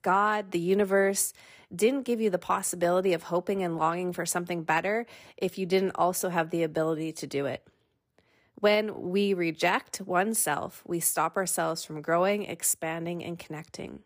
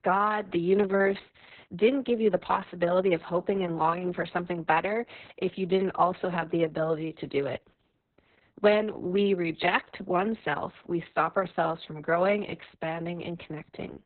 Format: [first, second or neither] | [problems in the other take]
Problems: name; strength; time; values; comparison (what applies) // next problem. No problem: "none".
first | garbled, watery; badly; nothing above 4 kHz